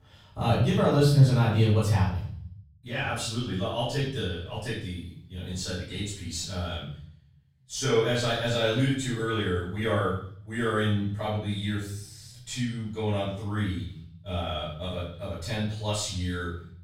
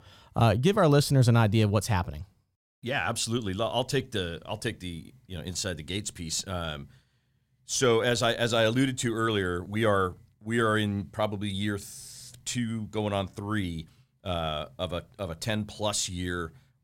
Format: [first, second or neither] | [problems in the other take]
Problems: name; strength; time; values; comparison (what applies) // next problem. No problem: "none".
second | off-mic speech; far // room echo; noticeable; dies away in 0.7 s